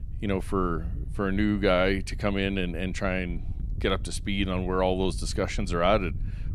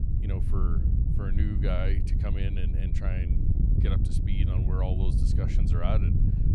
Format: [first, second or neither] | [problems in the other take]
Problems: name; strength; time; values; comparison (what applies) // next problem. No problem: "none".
first | wind noise on the microphone; heavy; 2 dB below the speech; occasional gusts in the first